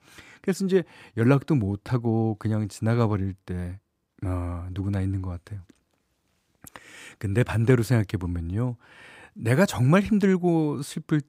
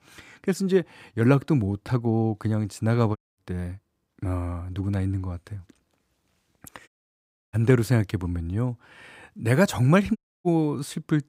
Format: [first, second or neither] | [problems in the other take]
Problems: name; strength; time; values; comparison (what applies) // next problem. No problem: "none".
first | audio cutting out; at 3 s, at 7 s for 0.5 s and at 10 s